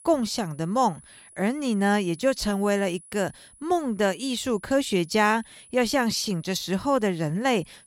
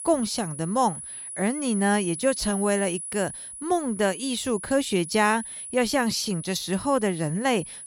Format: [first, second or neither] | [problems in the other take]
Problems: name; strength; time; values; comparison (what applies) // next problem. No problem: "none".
first | high-pitched whine; loud; throughout; 10 kHz, 9 dB below the speech; faint in the first